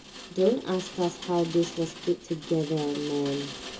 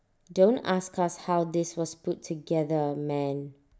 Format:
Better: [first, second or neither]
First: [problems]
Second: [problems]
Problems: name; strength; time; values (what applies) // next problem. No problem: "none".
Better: second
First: background sound (Rain); 12 dB below the speech // room echo; dies away in 0.2 s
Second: none